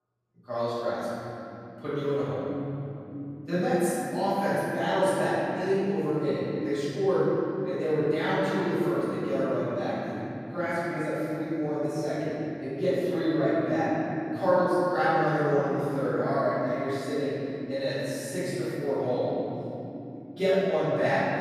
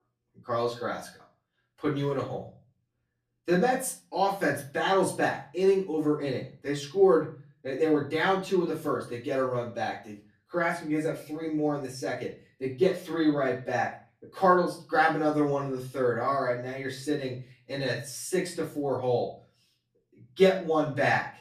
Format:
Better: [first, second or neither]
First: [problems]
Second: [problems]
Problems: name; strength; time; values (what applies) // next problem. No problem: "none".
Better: second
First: room echo; strong; dies away in 3 s // off-mic speech; far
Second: room echo; slight; dies away in 0.4 s // off-mic speech; far